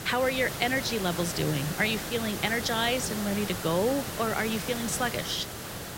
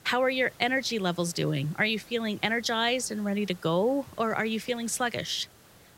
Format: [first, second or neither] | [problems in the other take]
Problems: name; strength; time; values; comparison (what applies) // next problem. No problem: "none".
second | hiss; loud; throughout; 5 dB below the speech; faint in the second